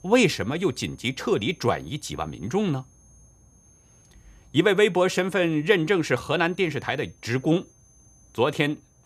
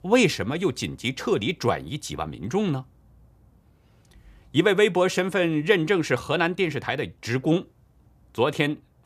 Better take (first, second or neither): second